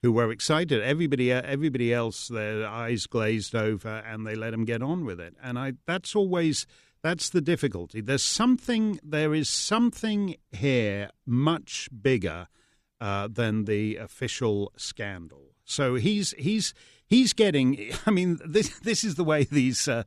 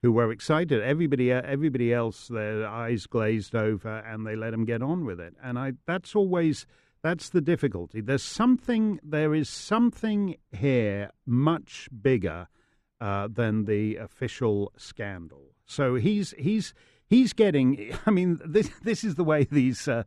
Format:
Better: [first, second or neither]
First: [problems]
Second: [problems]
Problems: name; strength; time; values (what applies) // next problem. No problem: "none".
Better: first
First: none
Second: muffled; slightly; fading above 2.5 kHz